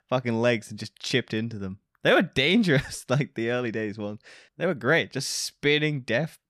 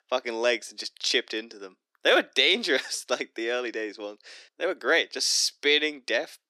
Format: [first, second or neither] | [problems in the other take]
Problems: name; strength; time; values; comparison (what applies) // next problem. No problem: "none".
first | thin; somewhat; fading below 300 Hz